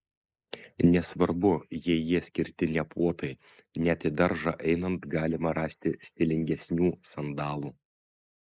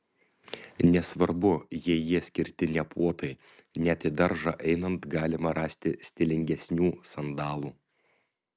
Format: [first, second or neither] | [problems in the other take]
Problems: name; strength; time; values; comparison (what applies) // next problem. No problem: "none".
second | noise reduction (neural mask model Resemble Enhance denoiser)